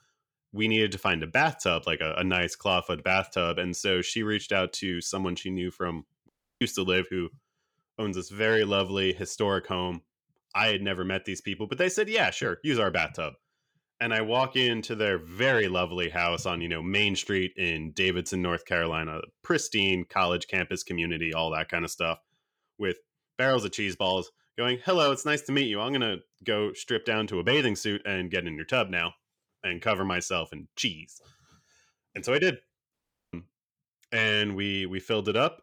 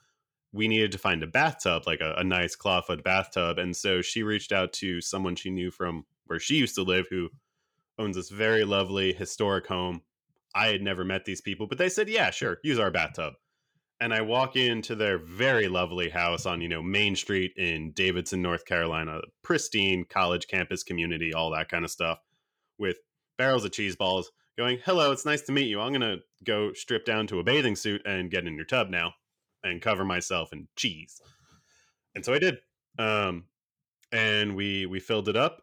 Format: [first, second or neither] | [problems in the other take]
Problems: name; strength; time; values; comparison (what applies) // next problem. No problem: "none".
second | audio cutting out; at 6.5 s and at 33 s